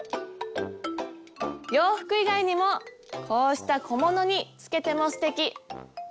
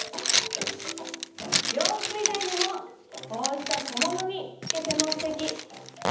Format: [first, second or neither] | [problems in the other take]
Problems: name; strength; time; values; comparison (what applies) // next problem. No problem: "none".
first | background sound (Zipper (clothing)); 2 dB above the speech // room echo; dies away in 0.8 s